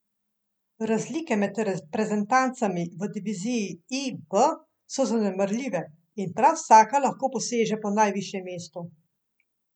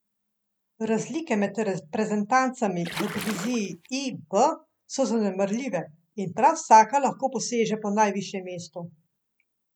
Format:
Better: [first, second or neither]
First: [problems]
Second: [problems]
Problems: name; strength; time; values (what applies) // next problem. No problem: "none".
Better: first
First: none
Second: background sound (Splash, splatter); 11 dB below the speech